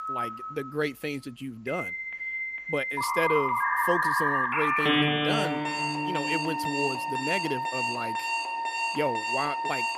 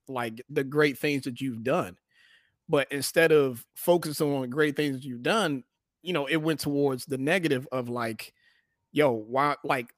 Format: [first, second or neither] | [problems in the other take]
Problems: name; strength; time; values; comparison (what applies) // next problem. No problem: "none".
second | alarms or sirens; very loud; throughout; 5 dB above the speech